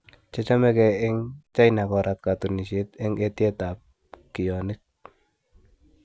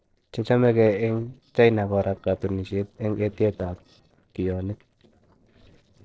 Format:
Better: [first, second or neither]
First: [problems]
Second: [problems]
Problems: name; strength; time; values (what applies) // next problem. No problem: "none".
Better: first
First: none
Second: noise reduction (neural separator model SepFormer DNS4)